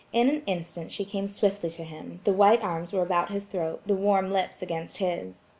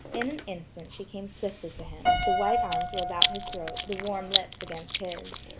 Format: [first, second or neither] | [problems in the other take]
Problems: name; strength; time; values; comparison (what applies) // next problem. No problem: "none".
first | background sound (Piano + Chewing, mastication); 5 dB above the speech